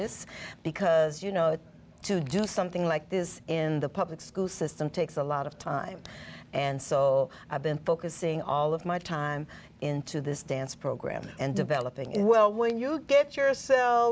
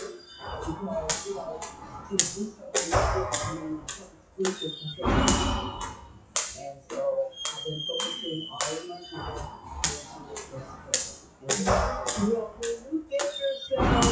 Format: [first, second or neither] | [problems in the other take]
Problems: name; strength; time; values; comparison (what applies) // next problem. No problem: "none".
first | noise reduction (classical method WPE with log-MMSE)